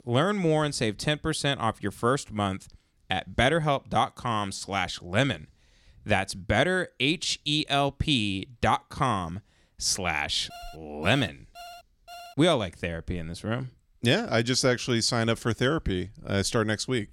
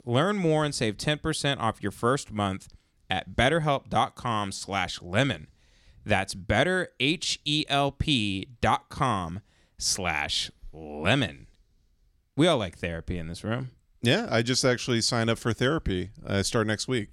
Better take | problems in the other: second | alarm; faint; from 11 to 12 s; peak 20 dB below the speech

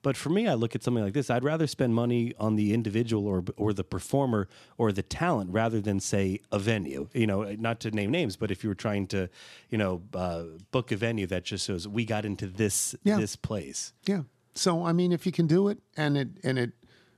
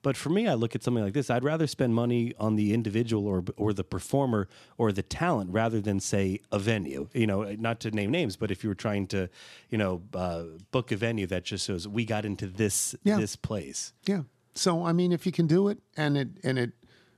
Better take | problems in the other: neither | none

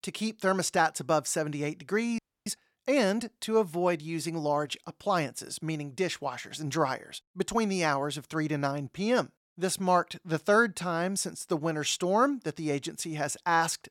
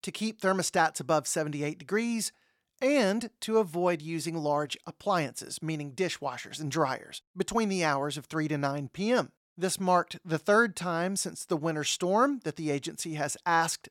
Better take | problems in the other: second | audio freezing; at 2 s

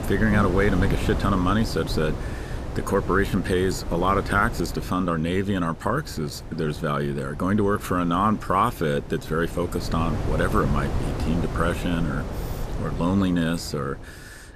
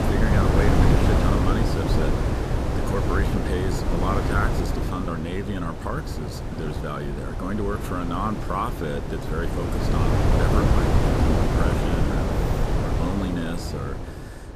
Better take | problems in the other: first | wind noise on the microphone; heavy; 1 dB above the speech; occasional gusts in the first

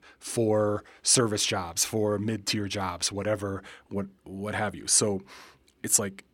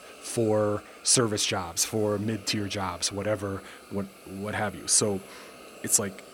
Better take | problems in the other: first | hiss; faint; throughout; 20 dB below the speech

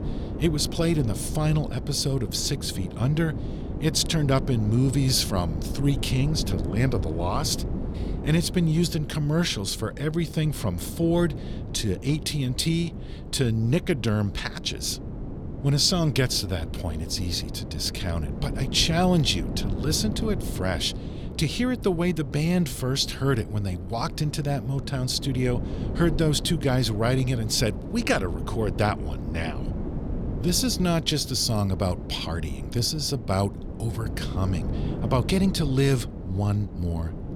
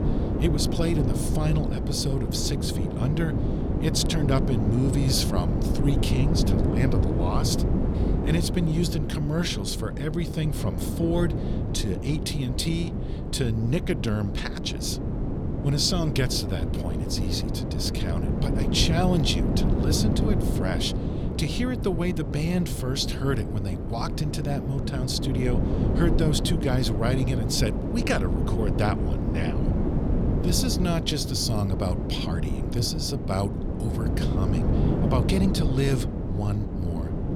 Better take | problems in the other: first | wind noise on the microphone; heavy; 4 dB below the speech; occasional gusts in the first

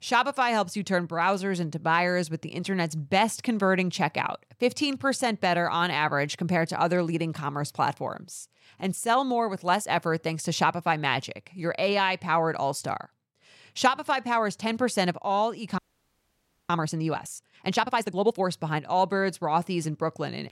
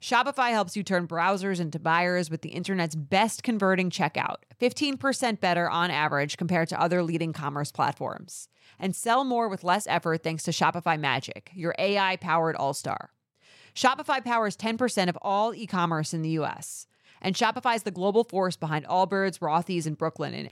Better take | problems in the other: second | audio freezing; at 16 s for 1 s

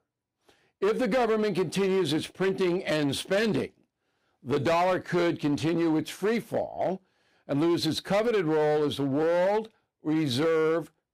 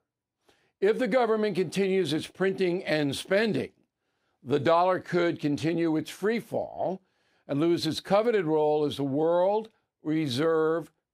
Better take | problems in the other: second | distortion; slight; 13% of the sound clipped

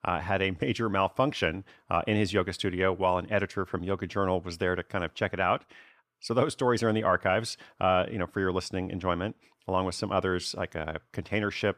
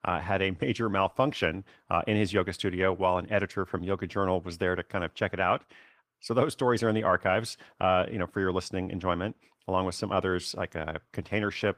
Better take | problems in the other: first | garbled, watery; slightly; nothing above 14 kHz

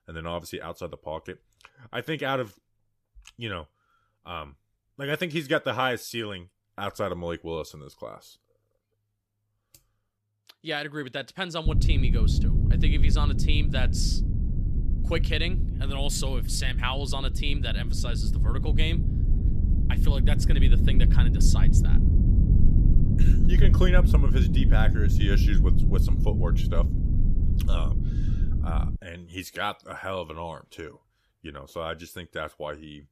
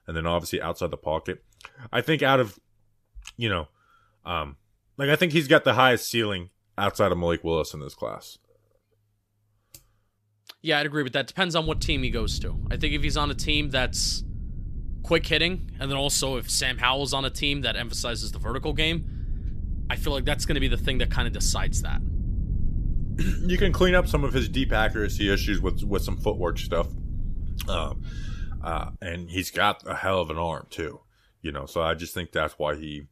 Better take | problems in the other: second | low rumble; loud; from 12 to 29 s; 7 dB below the speech; faint in the second

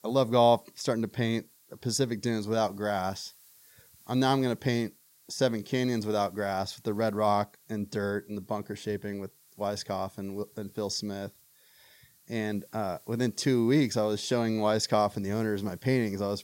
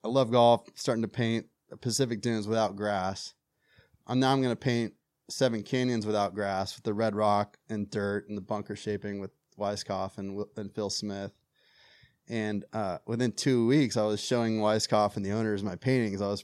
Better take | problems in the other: second | hiss; faint; throughout; 25 dB below the speech

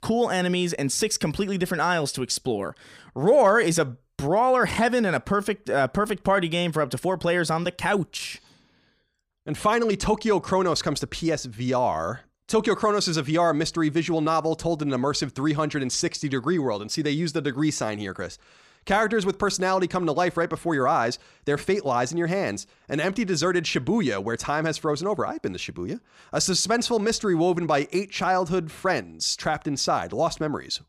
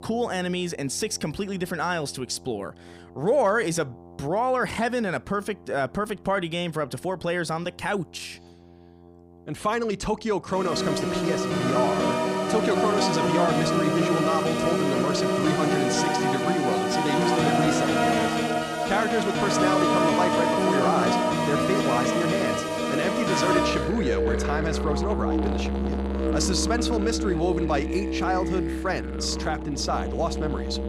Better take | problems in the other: first | background music; very loud; throughout; 3 dB above the speech

